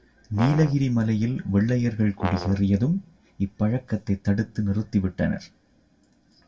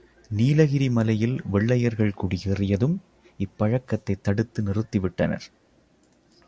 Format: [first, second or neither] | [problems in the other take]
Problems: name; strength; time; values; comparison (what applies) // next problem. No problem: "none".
second | background sound (Brass instrument); 11 dB below the speech // room echo; dies away in 0.1 s